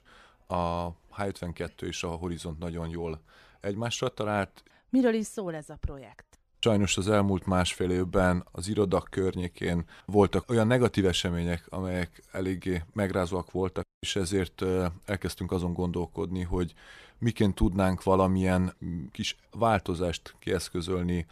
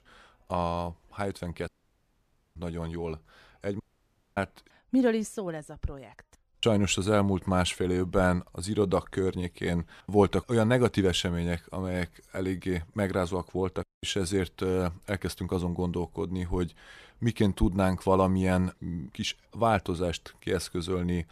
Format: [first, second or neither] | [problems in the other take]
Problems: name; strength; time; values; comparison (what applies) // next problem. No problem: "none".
first | audio cutting out; at 1.5 s for 1 s and at 4 s for 0.5 s